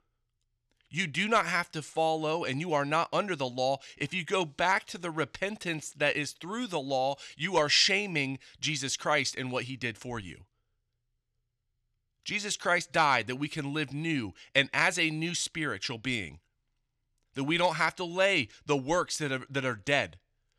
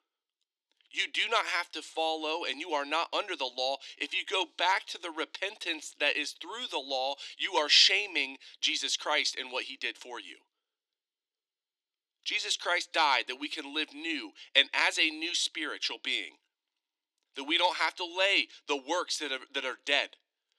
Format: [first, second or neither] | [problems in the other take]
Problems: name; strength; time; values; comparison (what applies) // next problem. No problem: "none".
first | thin; somewhat; fading below 300 Hz